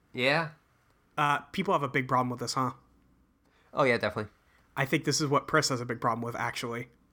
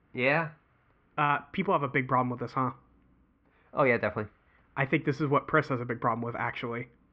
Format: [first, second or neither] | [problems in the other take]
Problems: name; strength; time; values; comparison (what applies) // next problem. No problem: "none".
first | muffled; very; fading above 2.5 kHz